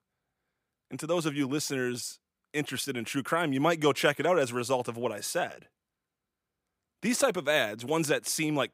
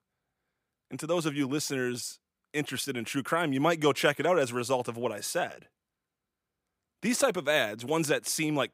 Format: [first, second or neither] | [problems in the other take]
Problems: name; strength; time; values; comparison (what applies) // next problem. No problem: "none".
neither | none